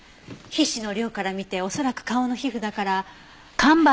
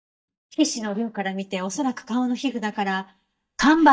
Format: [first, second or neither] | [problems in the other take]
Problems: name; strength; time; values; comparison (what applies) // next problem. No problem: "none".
first | noise reduction (neural mask model DeepFilterNet 3)